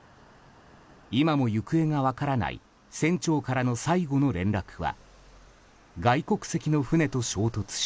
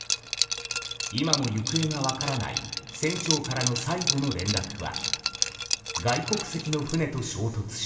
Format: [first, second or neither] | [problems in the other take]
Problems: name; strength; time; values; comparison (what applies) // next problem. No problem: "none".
first | background sound (Liquid); 2 dB below the speech // room echo; dies away in 2.9 s